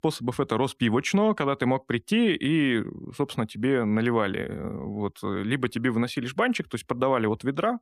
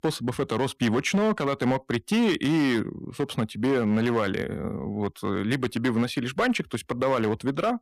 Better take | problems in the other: first | distortion; slight; 8% of the sound clipped

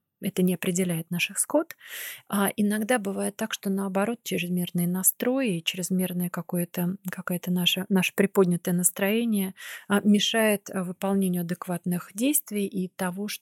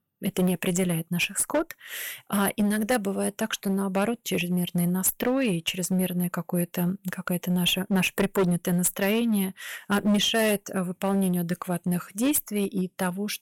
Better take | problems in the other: first | distortion; slight; 9% of the sound clipped

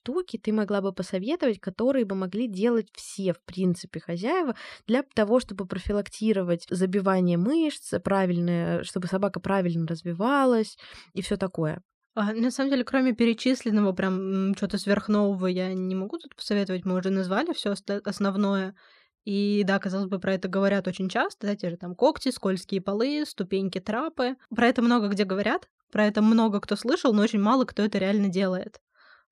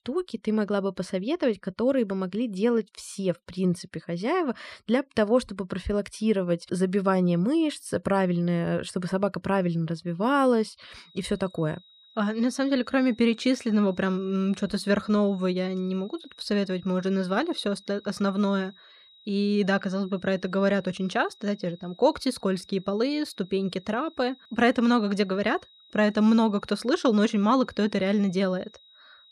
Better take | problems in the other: first | high-pitched whine; faint; from 11 s on; 4 kHz, 25 dB below the speech

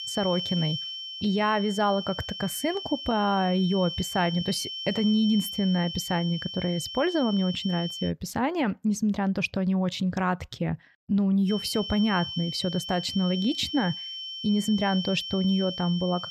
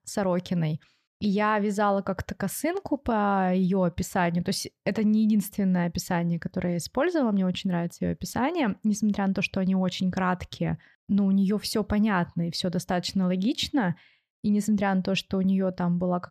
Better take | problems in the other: second | high-pitched whine; loud; until 8 s and from 11 s on; 3 kHz, 7 dB below the speech

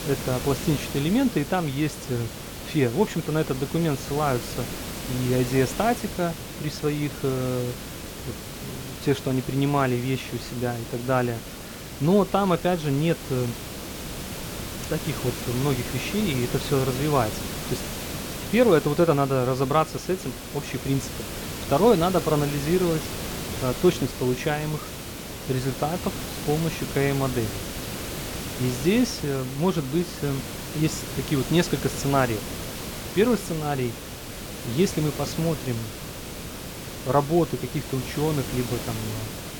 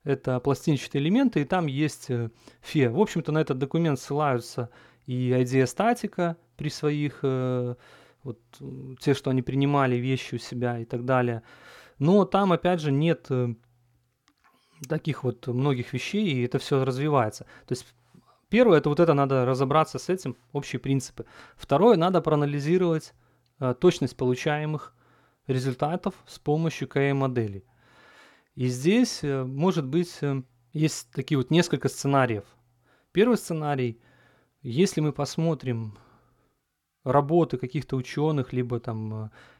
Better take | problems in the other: second | hiss; loud; throughout; 8 dB below the speech

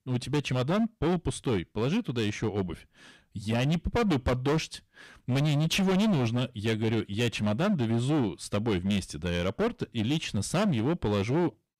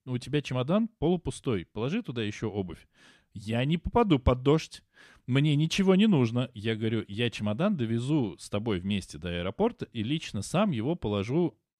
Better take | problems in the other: second | distortion; heavy; 17% of the sound clipped

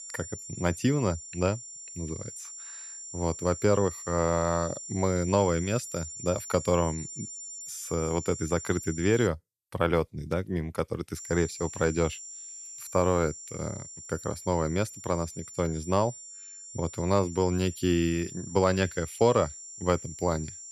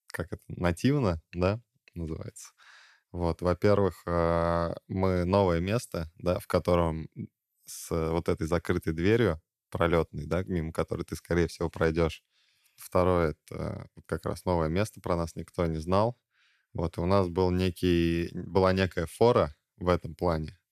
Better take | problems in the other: second | high-pitched whine; noticeable; until 9.5 s and from 11 s on; 7 kHz, 10 dB below the speech

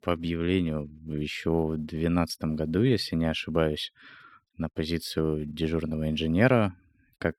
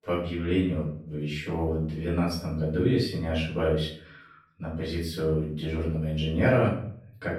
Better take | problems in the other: first | room echo; noticeable; dies away in 0.5 s // off-mic speech; far

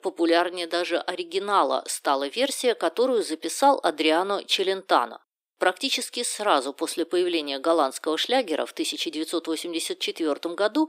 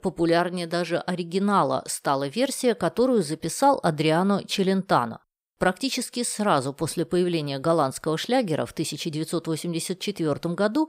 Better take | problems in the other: second | thin; somewhat; fading below 300 Hz

